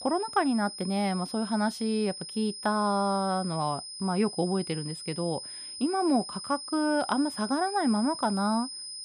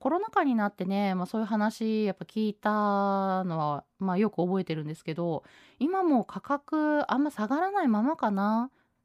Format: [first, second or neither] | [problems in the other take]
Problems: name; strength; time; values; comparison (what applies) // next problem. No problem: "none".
second | high-pitched whine; loud; throughout; 5 kHz, 9 dB below the speech